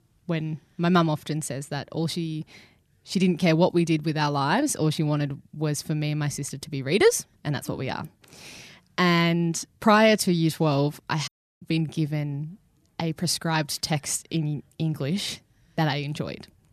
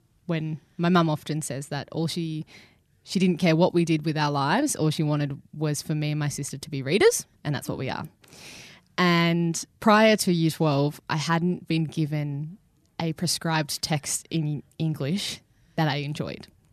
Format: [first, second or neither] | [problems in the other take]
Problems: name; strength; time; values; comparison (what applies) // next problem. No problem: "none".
second | audio cutting out; at 11 s